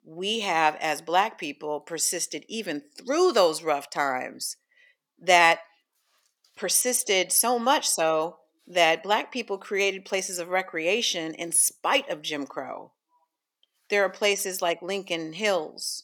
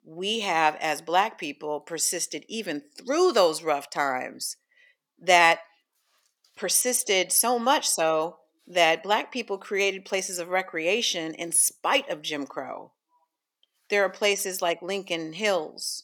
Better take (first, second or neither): neither